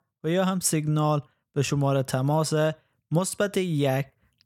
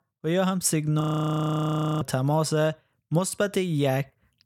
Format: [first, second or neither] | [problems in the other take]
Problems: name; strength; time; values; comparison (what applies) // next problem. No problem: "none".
first | audio freezing; at 1 s for 1 s